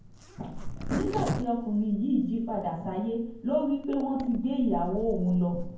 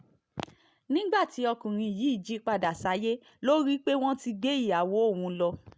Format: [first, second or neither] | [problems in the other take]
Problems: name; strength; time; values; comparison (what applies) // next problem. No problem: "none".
second | background sound (Zipper (clothing)); 8 dB below the speech // room echo; dies away in 0.9 s